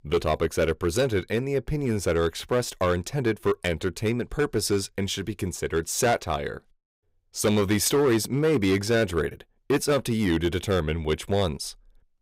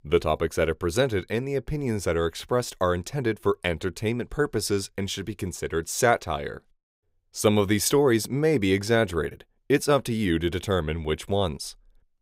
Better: second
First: distortion; slight; 6% of the sound clipped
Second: none

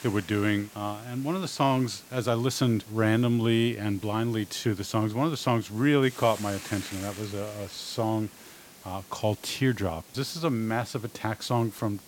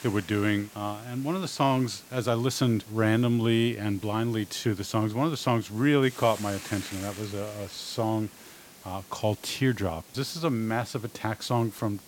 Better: neither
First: hiss; noticeable; throughout; 20 dB below the speech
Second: hiss; noticeable; throughout; 20 dB below the speech

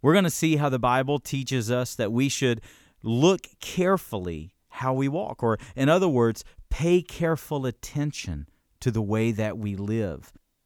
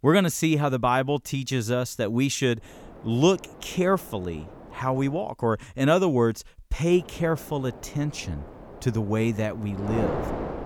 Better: first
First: none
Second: wind noise on the microphone; occasional gusts; from 2.5 to 5 s and from 7 s on; 10 dB below the speech

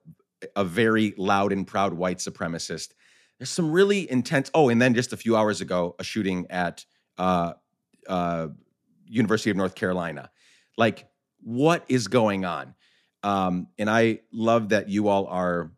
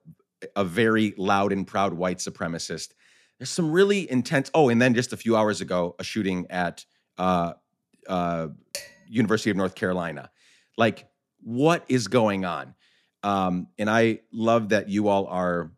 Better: first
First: none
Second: clattering dishes; faint; at 8.5 s; peak 10 dB below the speech

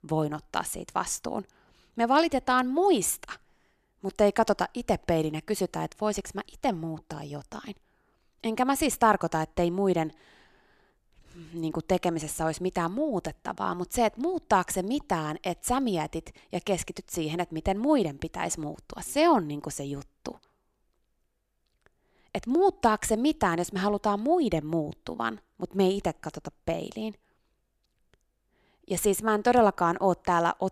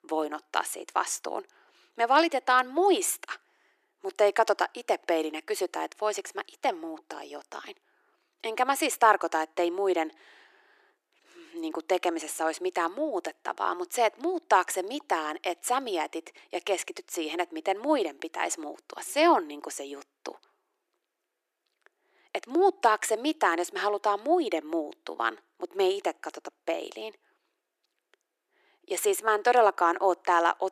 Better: first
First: none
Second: thin; very; fading below 350 Hz

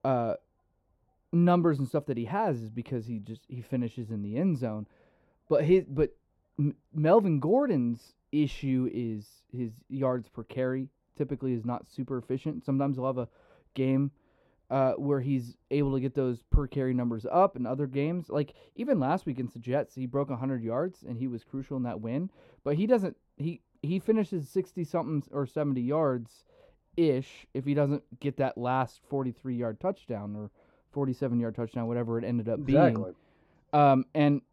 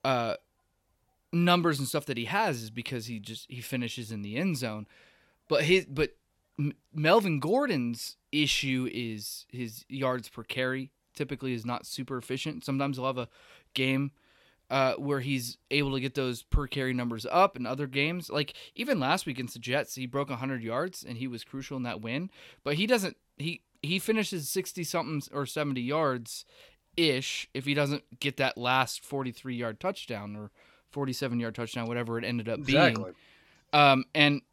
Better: second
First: muffled; very; fading above 1.5 kHz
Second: none

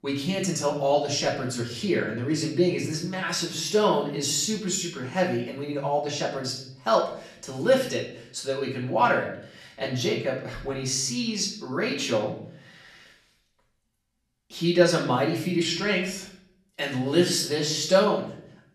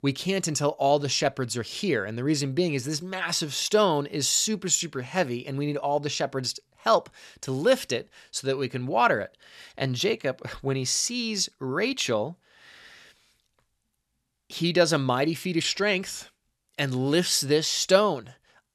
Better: second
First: off-mic speech; far // room echo; slight; dies away in 0.6 s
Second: none

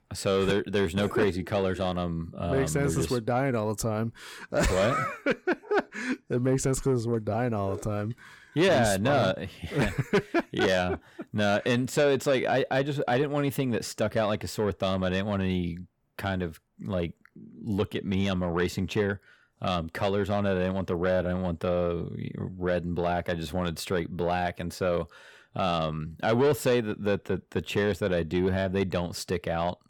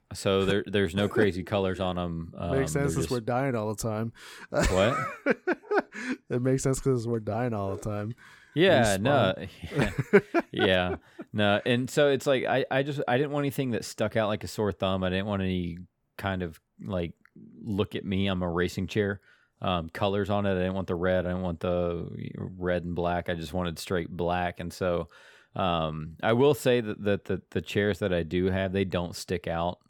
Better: second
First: distortion; slight; 10 dB below the speech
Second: none

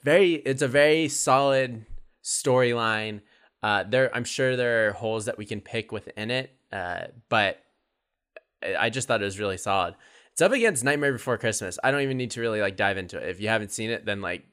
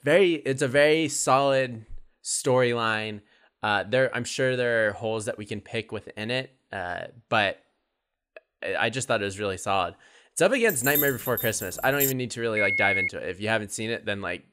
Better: first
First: none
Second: jangling keys; loud; from 11 to 12 s; peak 1 dB above the speech // phone ringing; loud; at 13 s; peak 3 dB above the speech

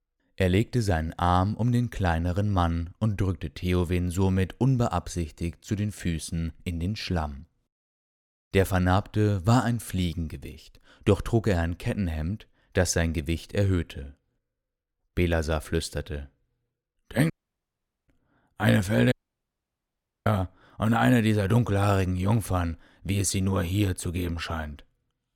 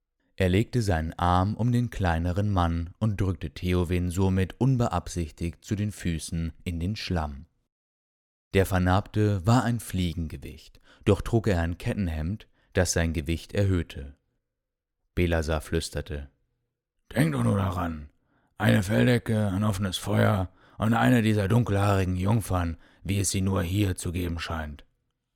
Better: second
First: audio cutting out; at 17 s for 1 s and at 19 s for 1 s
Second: none

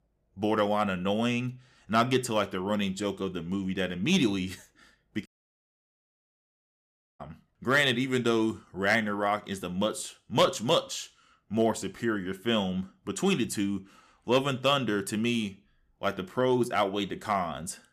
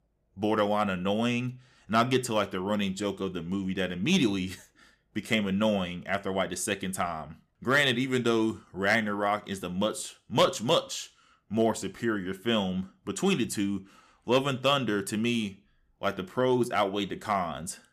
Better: second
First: audio cutting out; at 5.5 s for 2 s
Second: none

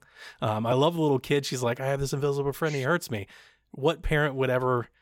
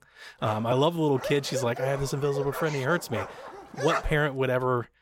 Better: first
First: none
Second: dog barking; noticeable; until 4 s; peak 2 dB below the speech

